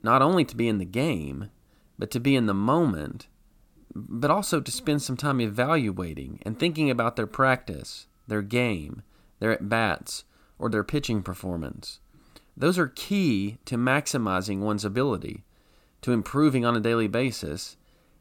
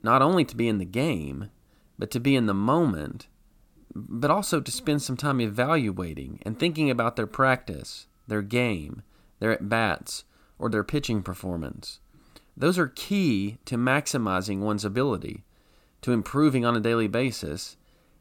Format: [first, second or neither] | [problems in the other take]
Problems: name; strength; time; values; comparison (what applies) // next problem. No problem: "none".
neither | none